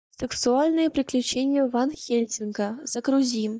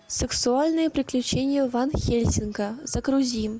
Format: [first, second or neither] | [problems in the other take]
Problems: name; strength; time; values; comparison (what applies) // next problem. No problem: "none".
second | noise reduction (neural mask model DeepFilterNet 3)